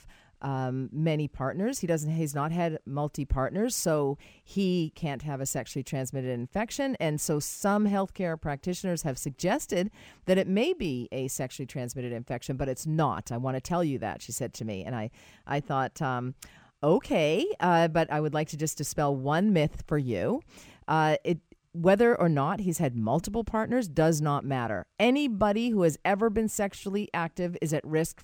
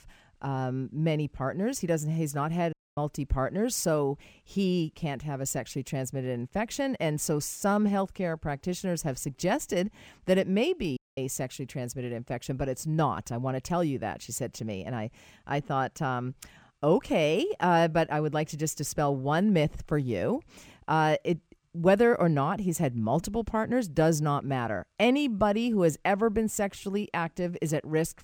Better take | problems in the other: first | audio cutting out; at 2.5 s and at 11 s

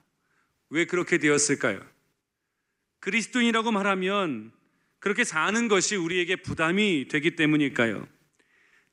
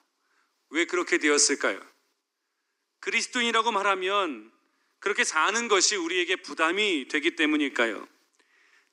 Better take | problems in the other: first | thin; somewhat; fading below 300 Hz

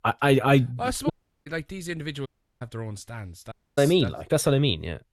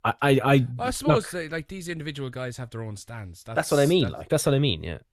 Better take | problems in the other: second | audio cutting out; at 1 s, at 2.5 s and at 3.5 s

